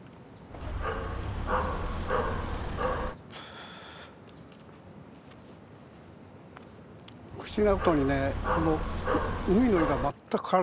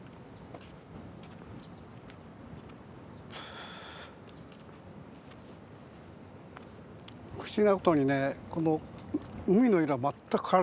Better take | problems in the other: second | background sound (Dog); 1 dB above the speech

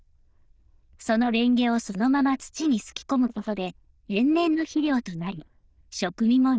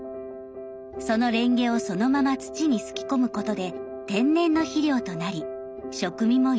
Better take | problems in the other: second | noise reduction (neural diffusion model UNIVERSE++)

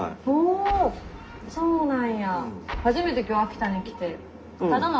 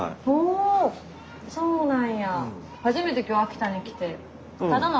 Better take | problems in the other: second | background sound (Explosion); 14 dB below the speech // room echo; dies away in 0.3 s

